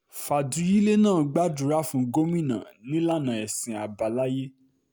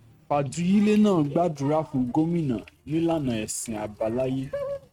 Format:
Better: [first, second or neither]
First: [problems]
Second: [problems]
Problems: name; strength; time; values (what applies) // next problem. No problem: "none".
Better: first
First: none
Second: noise reduction (neural mask model RNNoise)